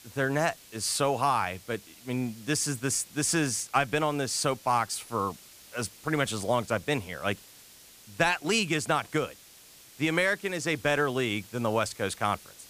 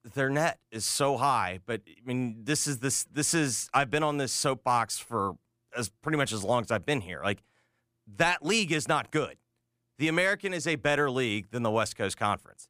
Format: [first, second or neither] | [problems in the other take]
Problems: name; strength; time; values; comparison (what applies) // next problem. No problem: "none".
second | hiss; faint; throughout; 20 dB below the speech